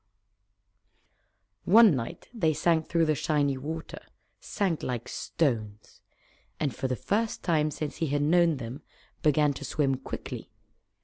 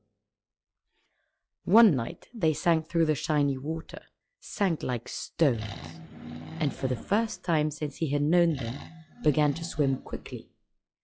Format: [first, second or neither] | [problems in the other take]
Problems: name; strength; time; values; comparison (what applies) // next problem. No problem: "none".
first | noise reduction (classical method log-MMSE)